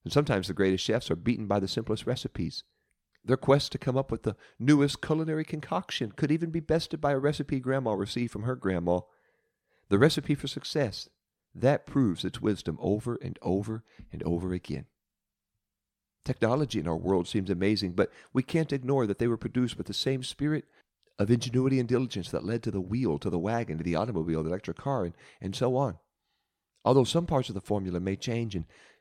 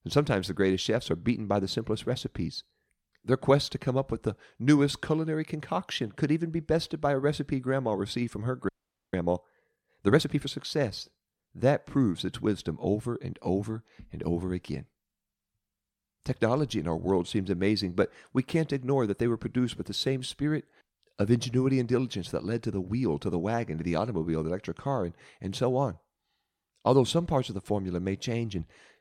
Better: first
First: none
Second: audio freezing; at 8.5 s

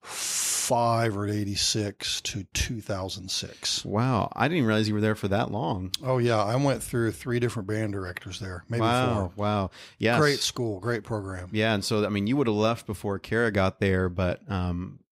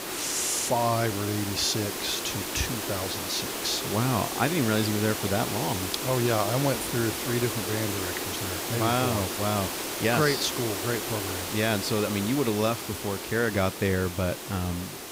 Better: first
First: none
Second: hiss; loud; throughout; 3 dB below the speech

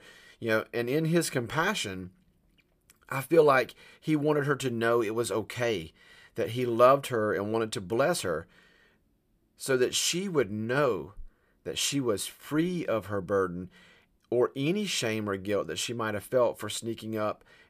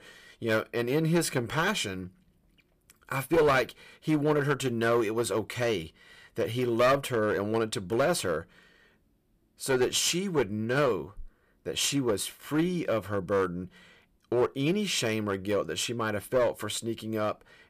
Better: first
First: none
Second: distortion; slight; 4% of the sound clipped

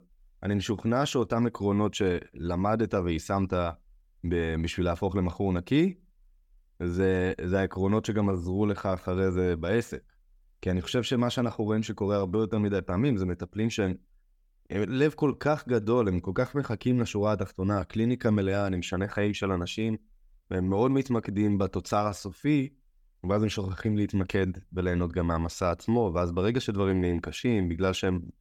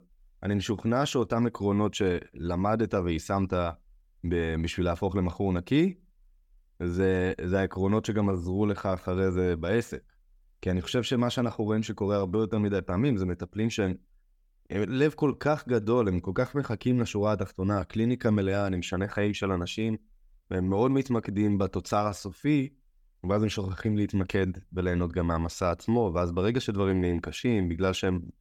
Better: neither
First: none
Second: none

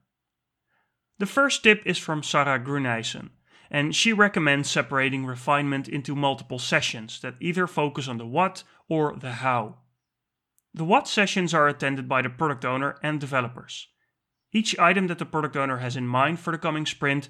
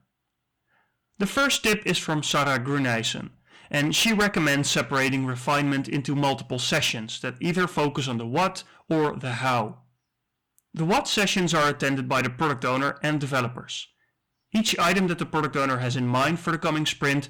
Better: first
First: none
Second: distortion; heavy; 10% of the sound clipped

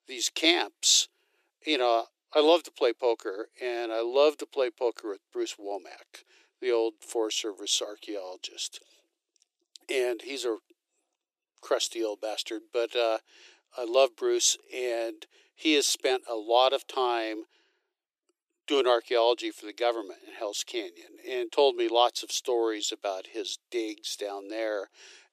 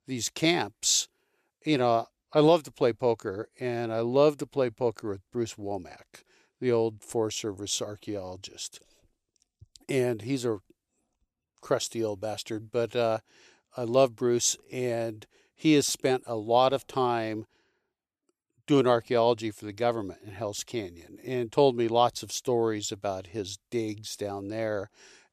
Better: second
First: thin; very; fading below 350 Hz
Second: none

